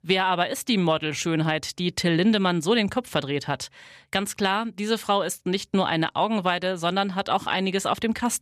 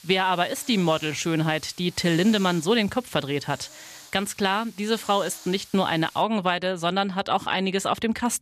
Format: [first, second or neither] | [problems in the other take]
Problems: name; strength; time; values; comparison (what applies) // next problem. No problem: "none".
first | hiss; noticeable; until 6 s; 20 dB below the speech